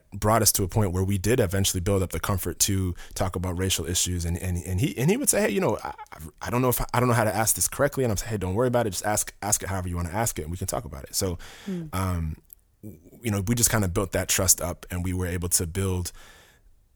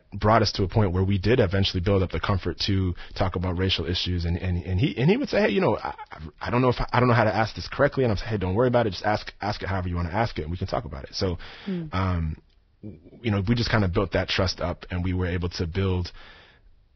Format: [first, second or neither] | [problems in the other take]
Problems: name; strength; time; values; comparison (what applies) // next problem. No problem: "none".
first | garbled, watery; badly; nothing above 5.5 kHz